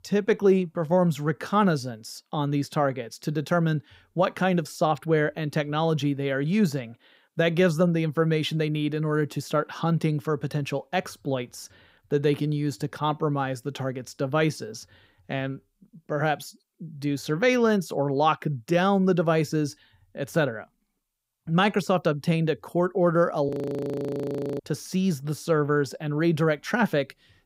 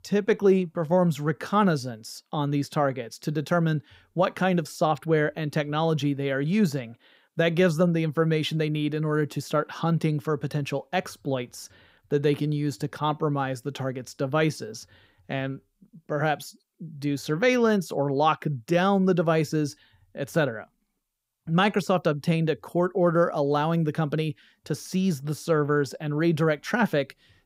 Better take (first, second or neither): second